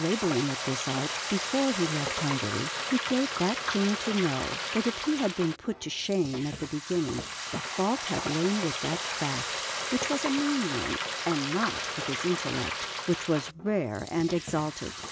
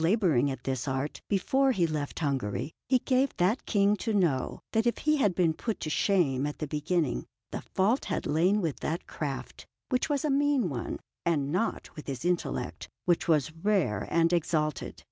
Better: second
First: background sound (Frying (food)); 4 dB below the speech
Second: none

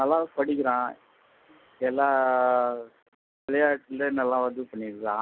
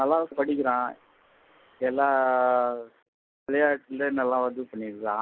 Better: first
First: none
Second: noise reduction (neural mask model Resemble Enhance denoiser)

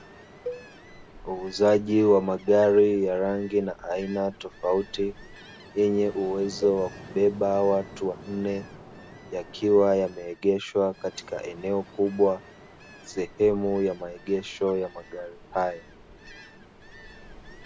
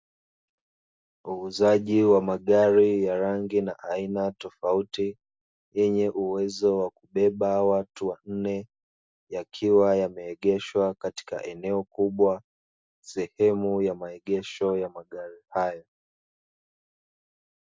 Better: second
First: background sound (Ocean + Cowbell); 18 dB below the speech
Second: none

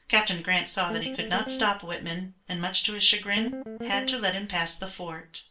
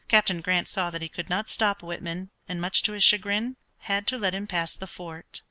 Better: second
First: background sound (Guitar); 7 dB below the speech // room echo; dies away in 0.3 s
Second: none

